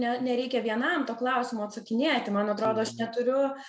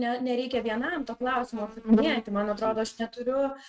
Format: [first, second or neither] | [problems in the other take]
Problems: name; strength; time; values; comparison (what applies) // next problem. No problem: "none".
first | noise reduction (neural mask model RNNoise)